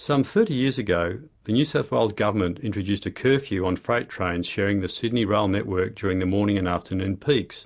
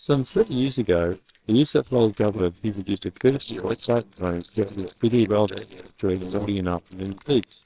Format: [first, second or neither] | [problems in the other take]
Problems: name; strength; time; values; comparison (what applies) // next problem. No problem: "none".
first | noise reduction (neural separator model SepFormer WHAMR!)